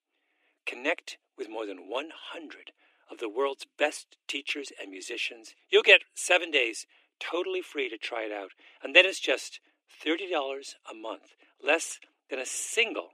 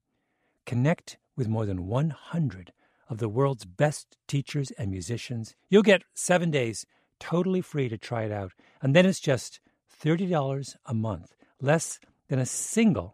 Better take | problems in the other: second | thin; very; fading below 300 Hz

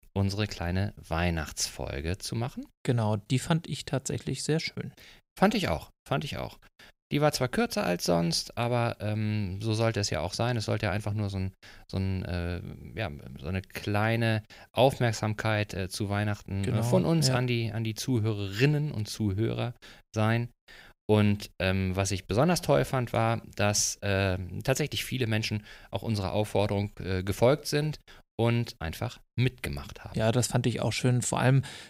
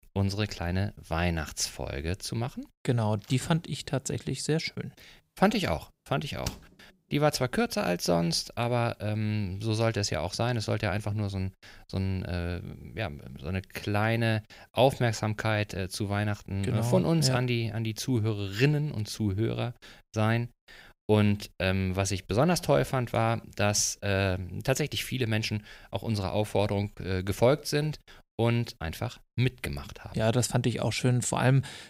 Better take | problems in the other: first | door banging; faint; from 3 to 6.5 s; peak 10 dB below the speech

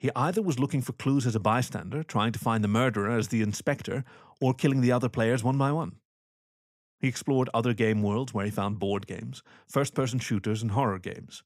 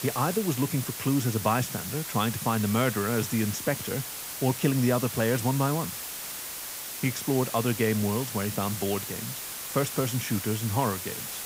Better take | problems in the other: first | hiss; loud; throughout; 6 dB below the speech

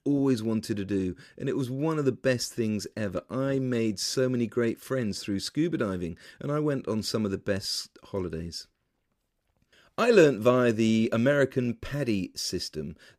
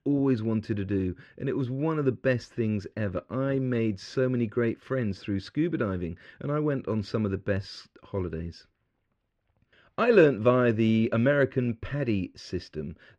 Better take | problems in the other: first | muffled; slightly; fading above 2.5 kHz

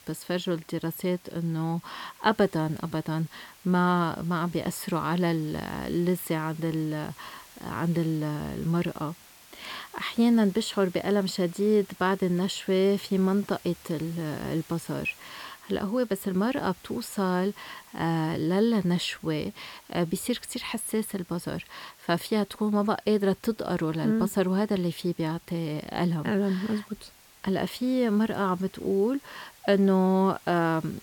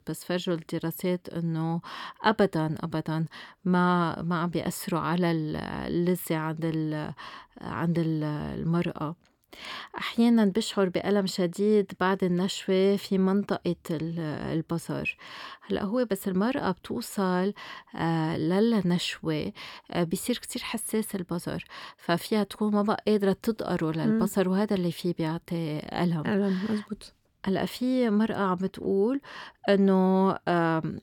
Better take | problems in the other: second | hiss; faint; throughout; 25 dB below the speech

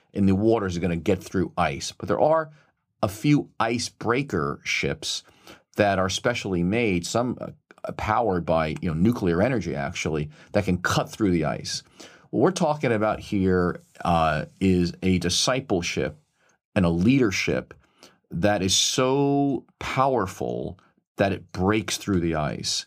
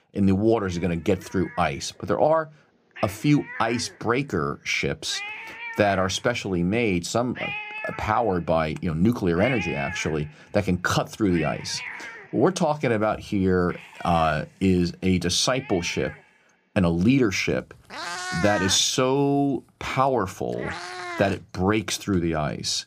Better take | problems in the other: first | animal sounds; noticeable; throughout; 10 dB below the speech

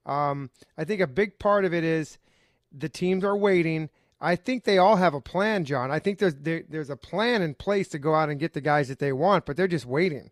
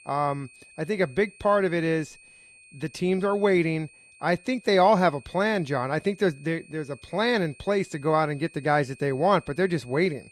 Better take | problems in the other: first | high-pitched whine; faint; throughout; 2.5 kHz, 25 dB below the speech

